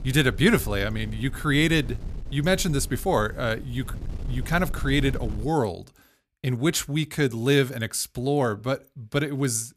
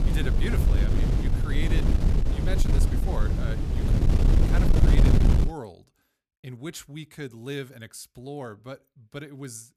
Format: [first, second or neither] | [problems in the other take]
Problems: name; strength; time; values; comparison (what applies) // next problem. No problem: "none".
first | wind noise on the microphone; heavy; until 5.5 s; 3 dB above the speech; occasional gusts in the first